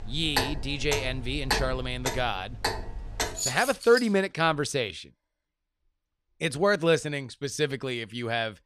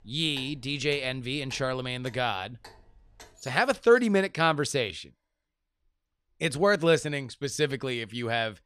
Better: second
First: household noises; loud; until 4 s; 5 dB below the speech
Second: household noises; faint; until 4 s; 25 dB below the speech

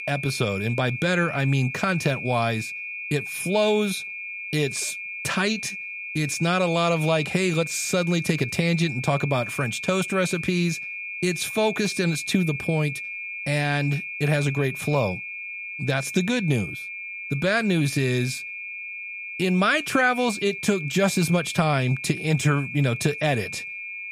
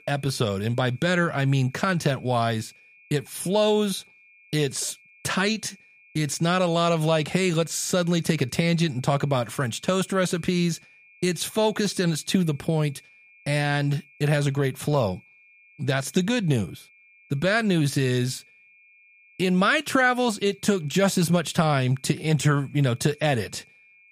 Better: second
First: high-pitched whine; loud; throughout; 2.5 kHz, 7 dB below the speech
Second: high-pitched whine; faint; throughout; 2.5 kHz, 30 dB below the speech

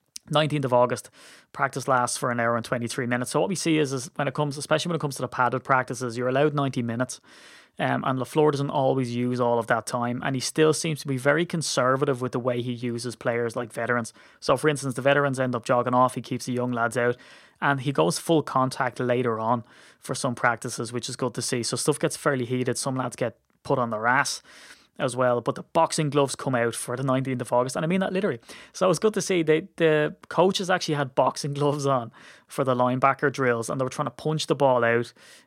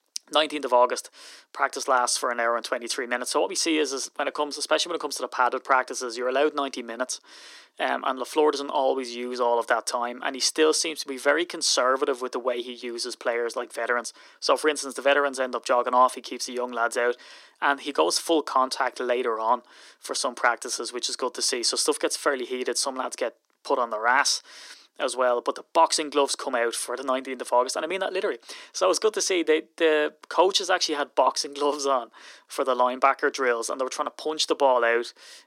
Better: first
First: none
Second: thin; somewhat; fading below 300 Hz

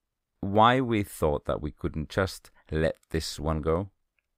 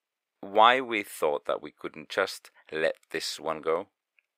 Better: first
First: none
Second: thin; very; fading below 500 Hz

